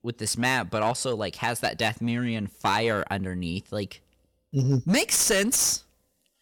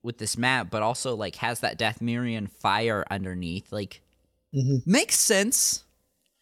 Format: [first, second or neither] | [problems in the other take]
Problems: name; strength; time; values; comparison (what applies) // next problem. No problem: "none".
second | distortion; slight; 5% of the sound clipped